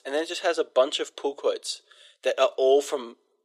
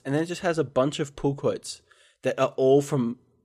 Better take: second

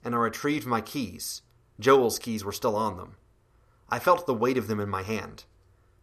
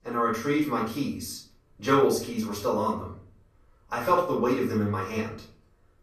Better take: first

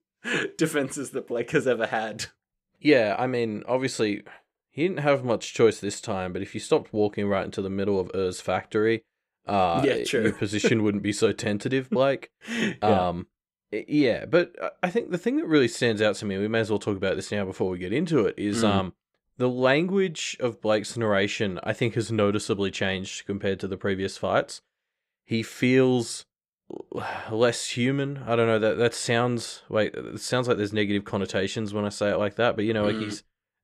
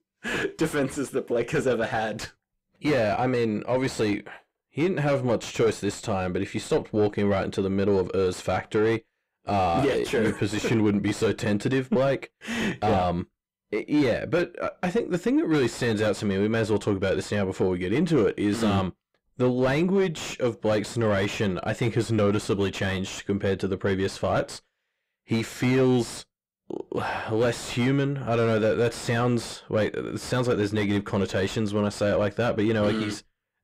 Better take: first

